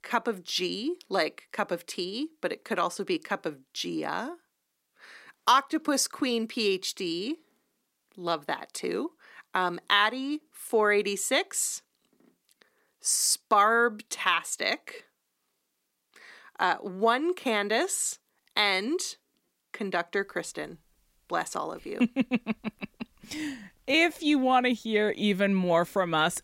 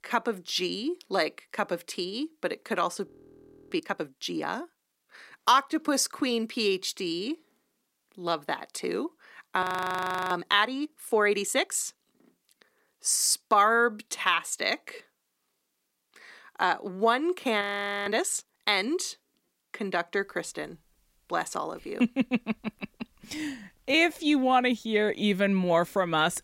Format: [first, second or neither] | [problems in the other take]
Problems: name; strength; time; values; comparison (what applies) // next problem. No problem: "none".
first | audio freezing; at 3 s for 0.5 s, at 9.5 s for 0.5 s and at 18 s